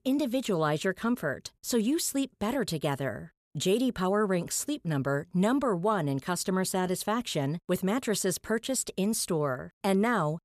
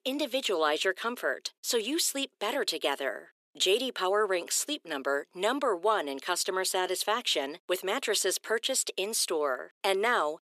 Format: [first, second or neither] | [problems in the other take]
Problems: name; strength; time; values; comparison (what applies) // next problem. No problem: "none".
first | thin; somewhat; fading below 350 Hz